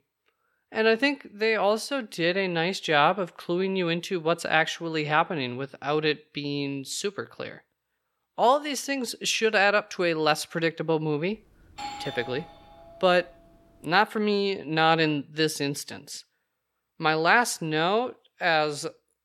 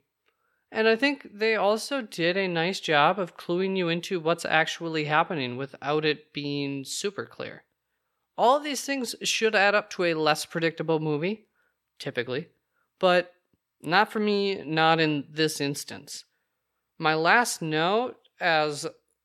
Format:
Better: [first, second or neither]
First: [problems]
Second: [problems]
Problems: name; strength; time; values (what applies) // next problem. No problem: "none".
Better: second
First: doorbell; faint; from 12 to 13 s; peak 10 dB below the speech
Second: none